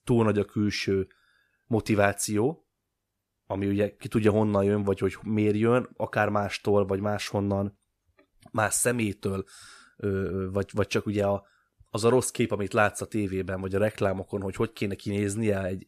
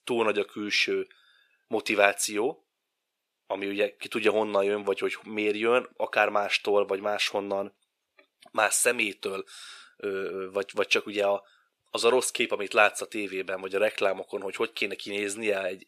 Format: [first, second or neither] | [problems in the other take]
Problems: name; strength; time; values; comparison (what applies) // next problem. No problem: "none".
first | thin; somewhat; fading below 450 Hz